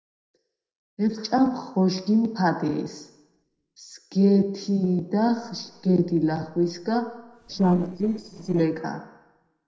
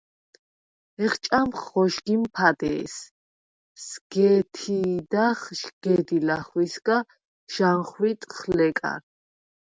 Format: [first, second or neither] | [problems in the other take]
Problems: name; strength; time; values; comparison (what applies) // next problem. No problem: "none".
second | noise reduction (neural separator model SepFormer DNS4)